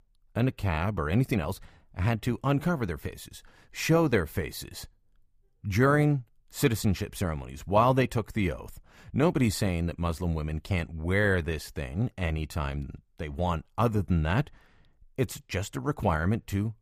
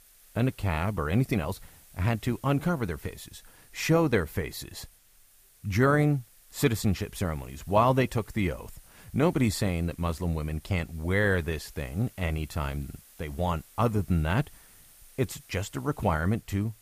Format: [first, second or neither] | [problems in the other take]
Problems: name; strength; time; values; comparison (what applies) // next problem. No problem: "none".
first | hiss; faint; throughout; 25 dB below the speech